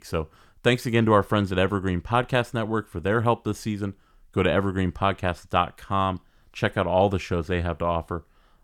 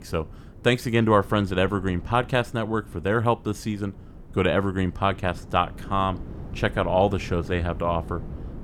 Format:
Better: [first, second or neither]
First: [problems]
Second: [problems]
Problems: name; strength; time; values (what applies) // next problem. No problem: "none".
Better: first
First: none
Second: wind noise on the microphone; occasional gusts; 25 dB below the speech